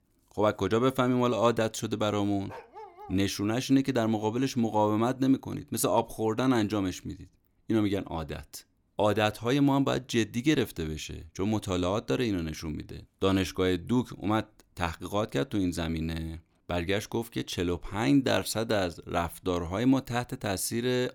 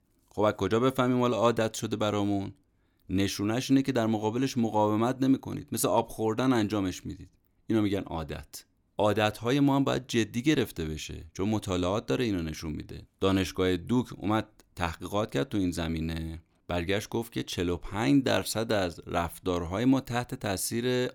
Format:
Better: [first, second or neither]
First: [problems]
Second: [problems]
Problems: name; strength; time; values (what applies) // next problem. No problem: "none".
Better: second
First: dog barking; faint; at 2.5 s; peak 15 dB below the speech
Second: none